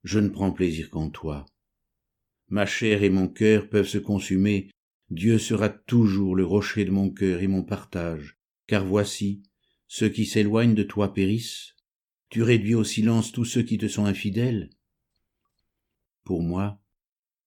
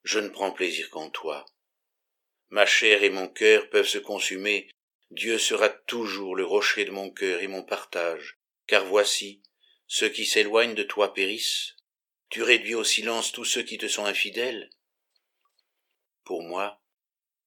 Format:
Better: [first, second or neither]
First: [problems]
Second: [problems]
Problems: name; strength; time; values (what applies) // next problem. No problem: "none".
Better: first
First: none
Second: thin; very; fading below 500 Hz